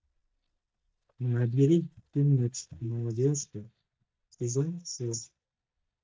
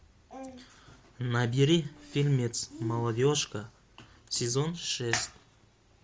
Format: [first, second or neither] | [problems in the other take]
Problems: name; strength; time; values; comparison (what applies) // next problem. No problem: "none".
second | noise reduction (neural mask model DeepFilterNet 3)